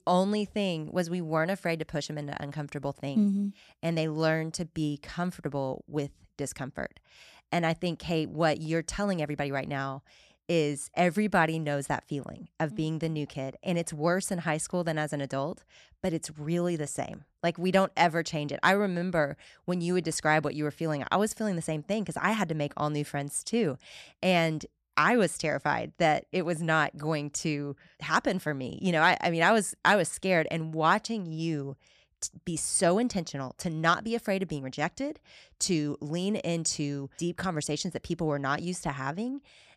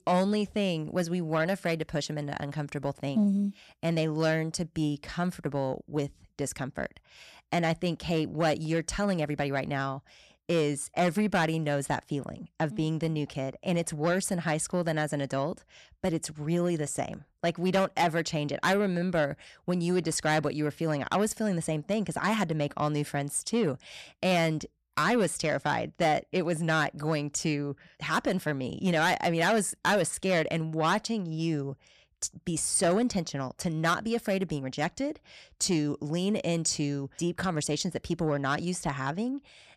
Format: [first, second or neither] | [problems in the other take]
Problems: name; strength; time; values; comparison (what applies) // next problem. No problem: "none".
first | distortion; slight; 10 dB below the speech